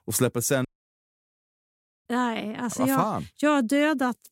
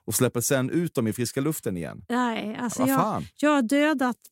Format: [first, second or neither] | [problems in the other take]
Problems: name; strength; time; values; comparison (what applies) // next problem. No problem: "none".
second | audio cutting out; at 0.5 s for 1.5 s